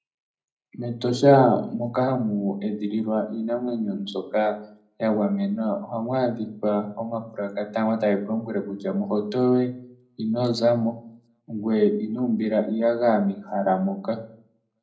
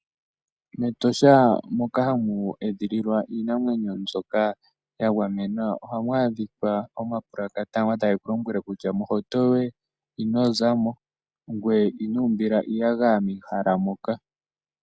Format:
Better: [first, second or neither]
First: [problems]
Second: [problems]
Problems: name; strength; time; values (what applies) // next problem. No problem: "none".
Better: second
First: room echo; dies away in 0.5 s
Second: none